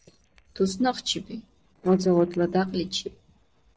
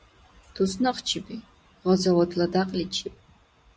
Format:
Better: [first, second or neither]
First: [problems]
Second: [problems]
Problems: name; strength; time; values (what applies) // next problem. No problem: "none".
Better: second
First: noise reduction (neural separator model SepFormer DNS4)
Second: none